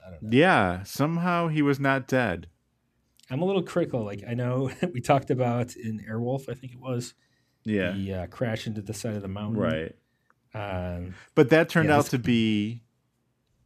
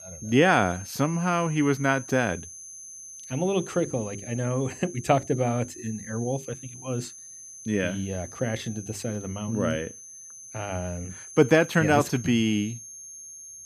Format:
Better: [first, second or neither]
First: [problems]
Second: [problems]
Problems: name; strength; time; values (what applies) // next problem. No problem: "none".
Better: first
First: none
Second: high-pitched whine; noticeable; throughout; 6.5 kHz, 15 dB below the speech